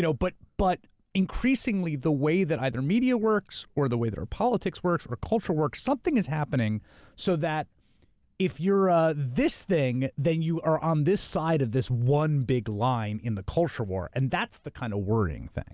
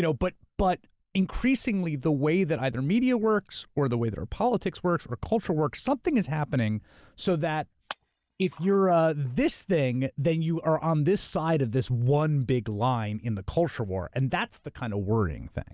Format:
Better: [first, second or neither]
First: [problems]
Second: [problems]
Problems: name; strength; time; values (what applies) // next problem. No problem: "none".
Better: first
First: none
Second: noise reduction (neural mask model DeepFilterNet 3)